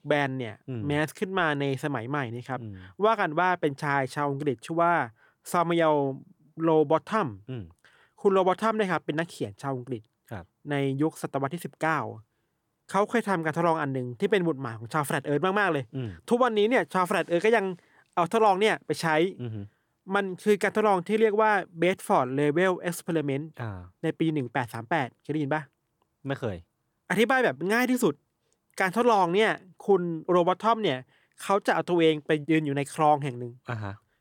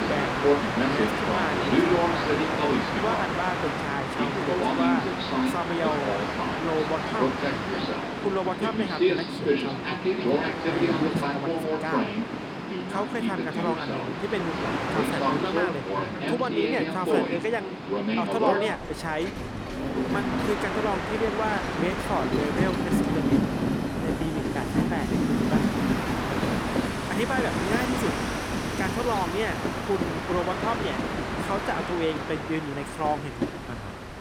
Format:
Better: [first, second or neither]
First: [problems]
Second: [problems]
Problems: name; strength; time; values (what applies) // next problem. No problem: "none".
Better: first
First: none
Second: train or aircraft noise; very loud; throughout; 4 dB above the speech